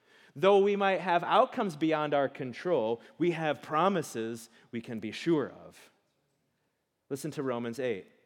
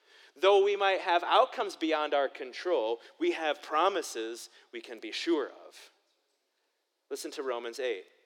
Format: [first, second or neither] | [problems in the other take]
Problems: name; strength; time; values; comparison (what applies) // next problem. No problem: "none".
first | thin; very; fading below 350 Hz